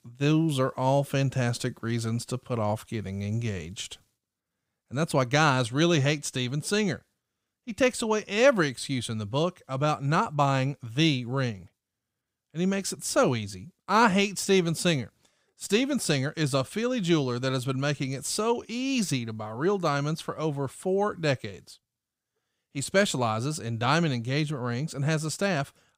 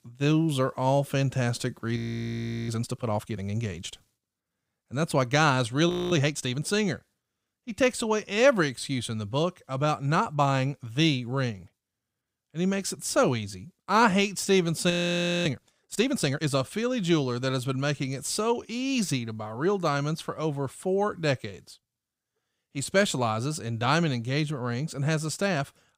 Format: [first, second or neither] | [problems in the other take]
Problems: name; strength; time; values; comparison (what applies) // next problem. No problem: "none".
first | audio freezing; at 2 s for 0.5 s, at 6 s and at 15 s for 0.5 s